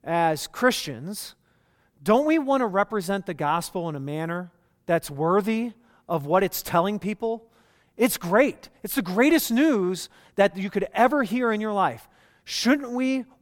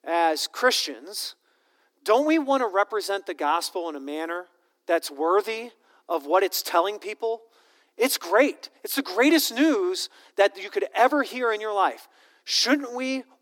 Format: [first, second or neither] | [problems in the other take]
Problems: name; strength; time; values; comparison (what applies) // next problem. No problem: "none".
first | thin; very slightly; fading below 300 Hz